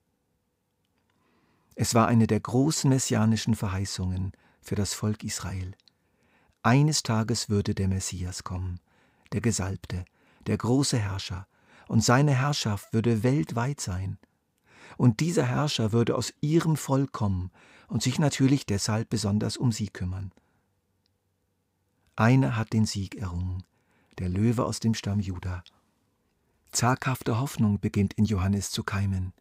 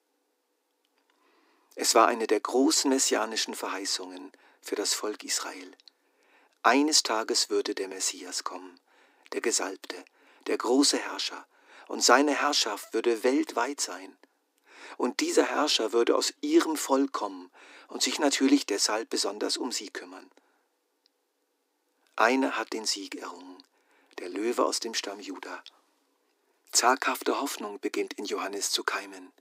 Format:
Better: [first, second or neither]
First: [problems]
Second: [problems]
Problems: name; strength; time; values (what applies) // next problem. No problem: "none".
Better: first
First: none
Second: thin; somewhat; fading below 300 Hz